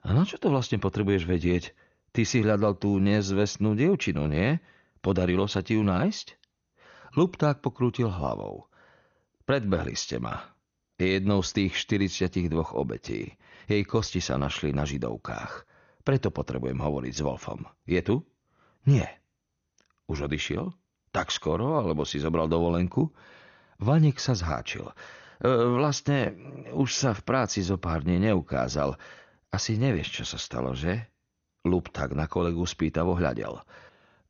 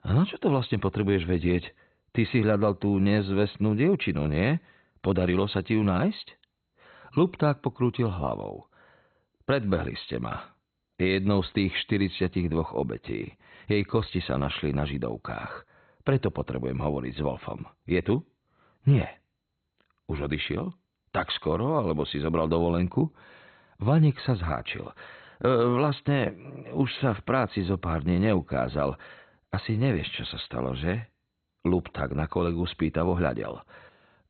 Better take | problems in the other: first | garbled, watery; badly; nothing above 4 kHz; slightly in the first

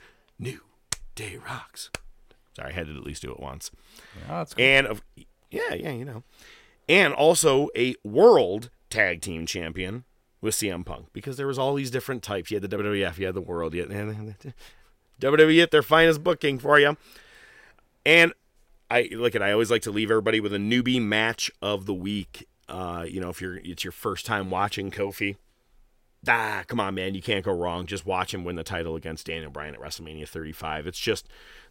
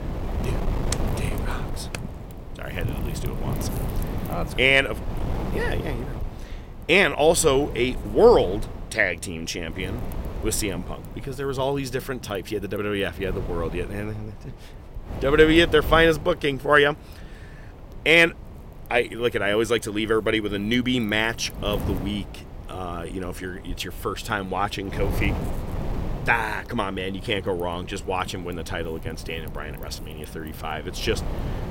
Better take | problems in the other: first | wind noise on the microphone; occasional gusts; 15 dB below the speech

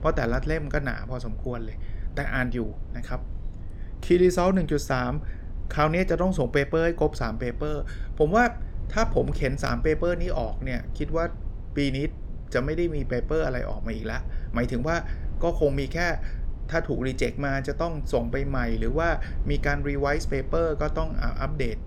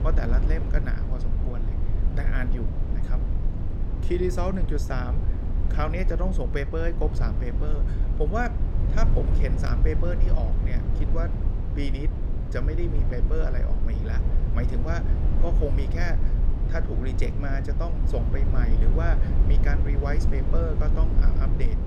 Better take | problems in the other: first | low rumble; loud; throughout; 6 dB below the speech; faint in the first

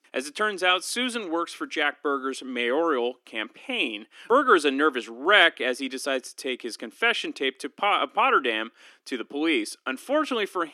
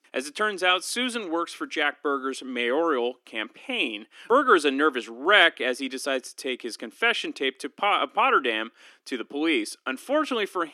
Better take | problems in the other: neither | thin; somewhat; fading below 250 Hz; the same in both

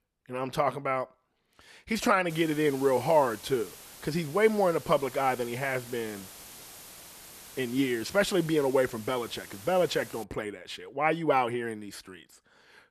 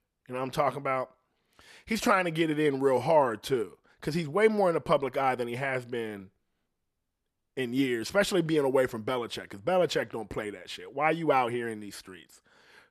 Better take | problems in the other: second | hiss; noticeable; from 2.5 to 10 s; 15 dB below the speech

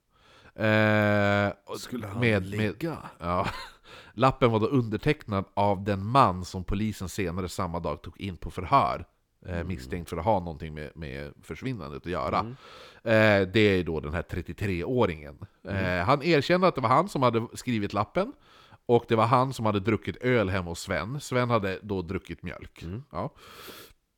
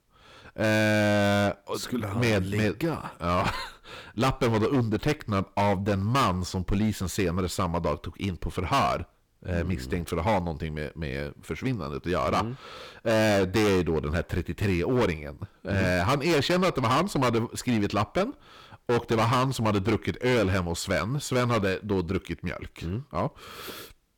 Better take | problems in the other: first | distortion; heavy; 13% of the sound clipped

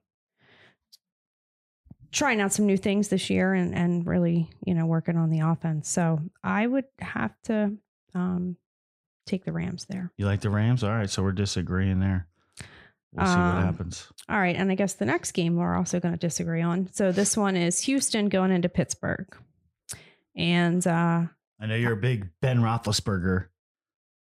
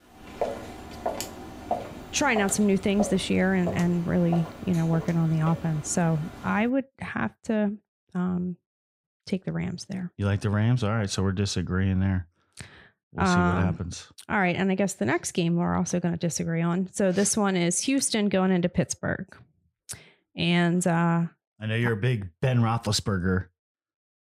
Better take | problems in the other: first | footsteps; noticeable; until 6.5 s; peak 6 dB below the speech

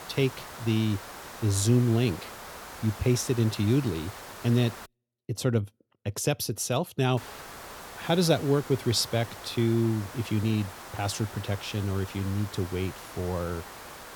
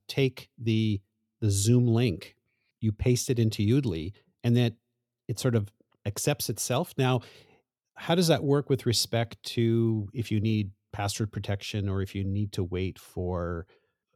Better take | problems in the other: second | hiss; noticeable; until 5 s and from 7 s on; 15 dB below the speech

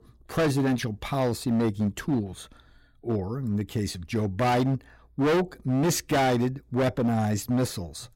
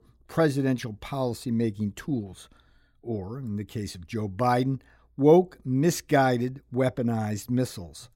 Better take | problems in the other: second | distortion; heavy; 14% of the sound clipped

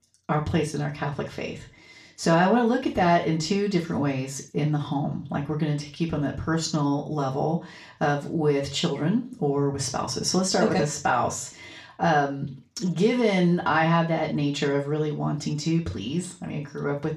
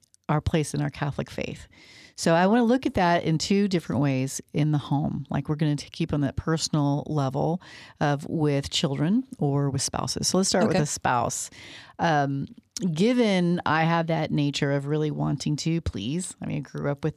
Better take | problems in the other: second | room echo; slight; dies away in 0.3 s // off-mic speech; far

